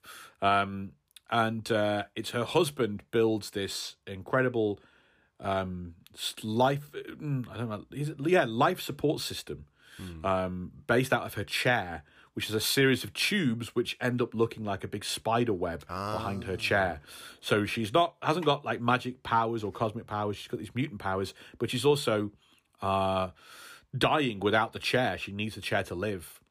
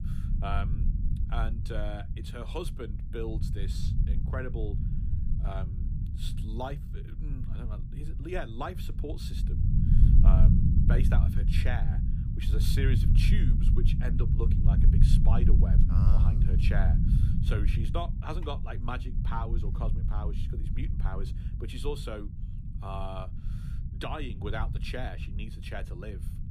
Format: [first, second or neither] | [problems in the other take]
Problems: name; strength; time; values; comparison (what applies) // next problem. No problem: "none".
first | low rumble; loud; throughout; 4 dB below the speech